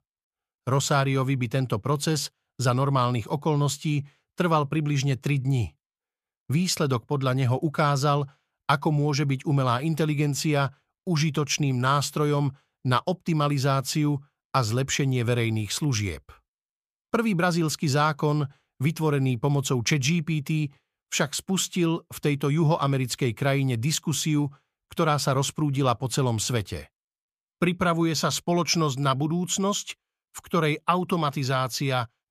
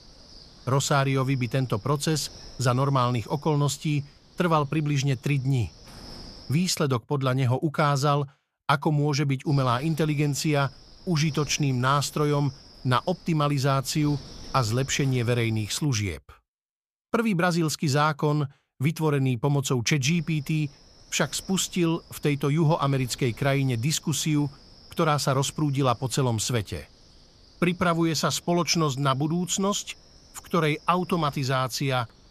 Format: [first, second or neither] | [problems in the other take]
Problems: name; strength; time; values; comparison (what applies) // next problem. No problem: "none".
first | wind noise on the microphone; occasional gusts; until 6.5 s, from 9.5 to 16 s and from 20 s on; 20 dB below the speech